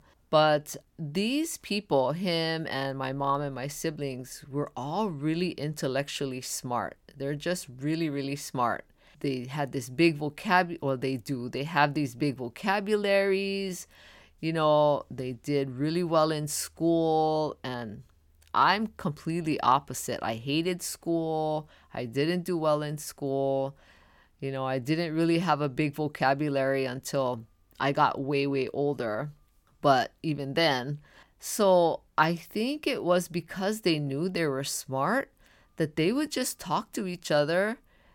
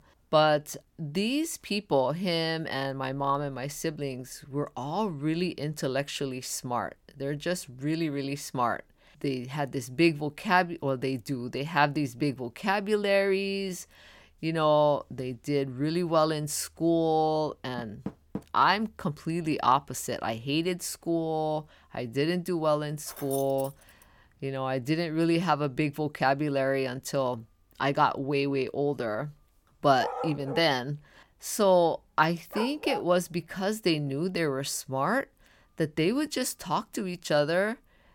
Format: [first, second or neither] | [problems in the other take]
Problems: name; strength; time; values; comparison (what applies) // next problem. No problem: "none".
first | door banging; faint; at 18 s; peak 10 dB below the speech // jangling keys; faint; at 23 s; peak 10 dB below the speech // dog barking; noticeable; from 30 to 33 s; peak 6 dB below the speech